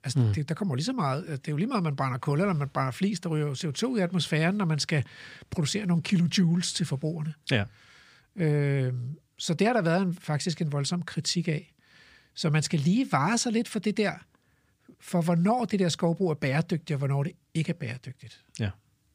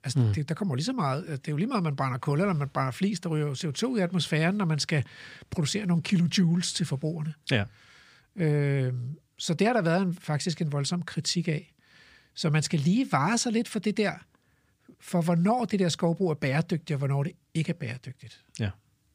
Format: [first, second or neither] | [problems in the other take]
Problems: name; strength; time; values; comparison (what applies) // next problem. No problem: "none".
neither | none